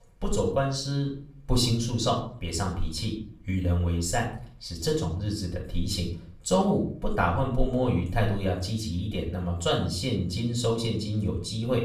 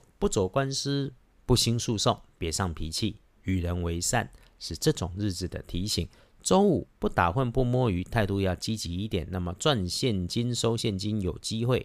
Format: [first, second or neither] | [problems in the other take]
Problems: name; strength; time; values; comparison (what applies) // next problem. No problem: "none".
second | off-mic speech; far // room echo; slight; dies away in 0.5 s